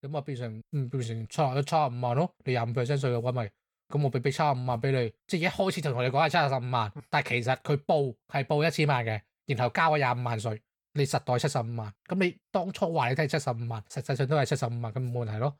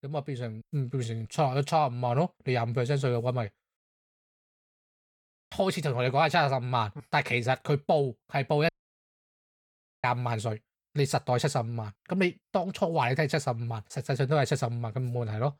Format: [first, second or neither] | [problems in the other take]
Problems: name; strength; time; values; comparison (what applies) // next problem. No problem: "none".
first | audio cutting out; at 4 s for 1.5 s and at 8.5 s for 1.5 s